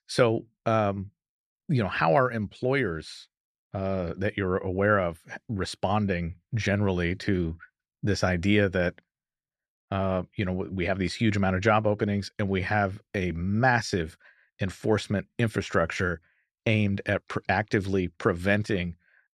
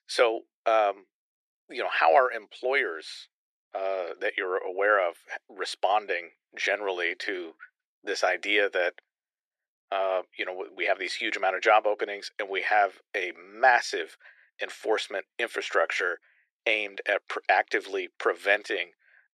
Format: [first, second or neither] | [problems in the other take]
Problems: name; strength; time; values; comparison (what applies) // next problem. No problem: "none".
first | thin; very; fading below 350 Hz